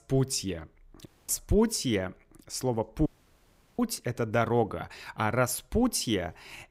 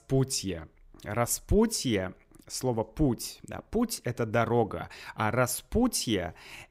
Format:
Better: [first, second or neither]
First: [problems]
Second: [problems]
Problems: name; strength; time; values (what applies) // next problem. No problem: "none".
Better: second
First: audio cutting out; at 1 s and at 3 s for 0.5 s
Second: none